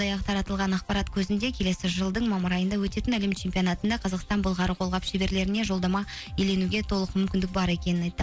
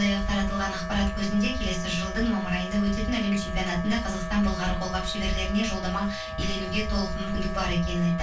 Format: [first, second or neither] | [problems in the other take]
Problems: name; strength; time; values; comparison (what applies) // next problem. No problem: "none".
first | background sound (Wind instrument, woodwind instrument); 10 dB below the speech // room echo; dies away in 0.2 s